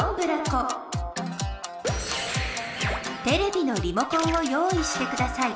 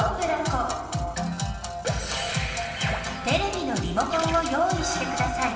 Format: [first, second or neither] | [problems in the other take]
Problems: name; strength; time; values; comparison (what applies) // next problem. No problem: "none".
first | room echo; dies away in 2.3 s